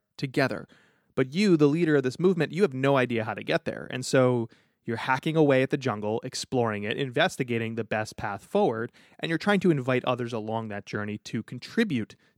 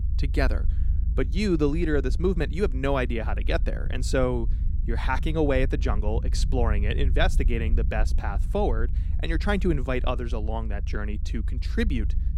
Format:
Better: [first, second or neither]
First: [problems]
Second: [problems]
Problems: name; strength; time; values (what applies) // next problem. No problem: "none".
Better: first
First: none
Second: low rumble; noticeable; throughout; 20 dB below the speech